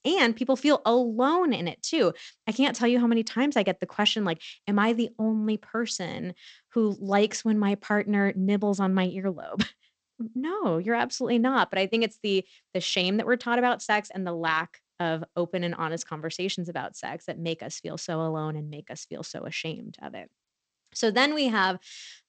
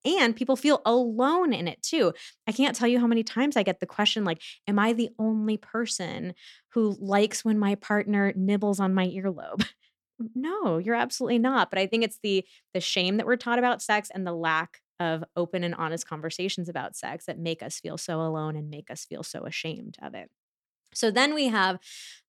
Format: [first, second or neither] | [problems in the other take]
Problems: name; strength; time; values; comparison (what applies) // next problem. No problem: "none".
second | garbled, watery; slightly; nothing above 8 kHz